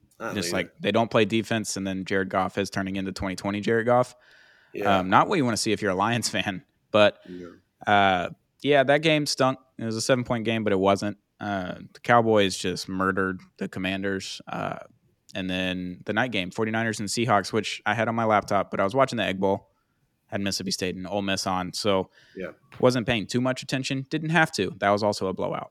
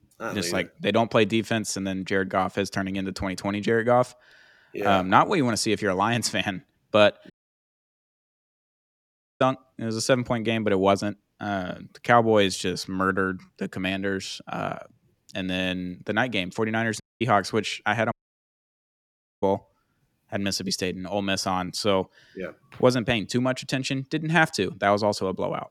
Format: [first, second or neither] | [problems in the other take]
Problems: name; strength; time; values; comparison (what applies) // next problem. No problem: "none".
first | audio cutting out; at 7.5 s for 2 s, at 17 s and at 18 s for 1.5 s